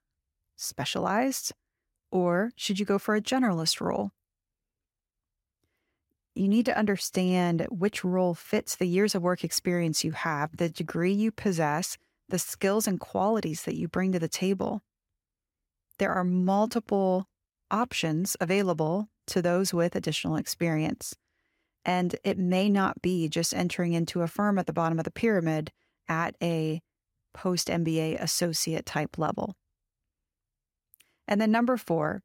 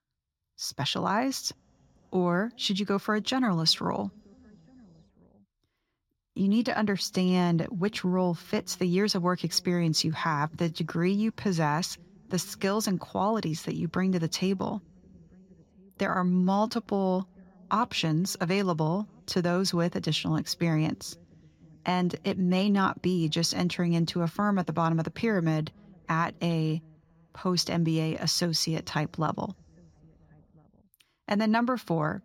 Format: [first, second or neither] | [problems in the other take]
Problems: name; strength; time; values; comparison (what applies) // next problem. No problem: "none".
first | room echo; slight; dies away in 3 s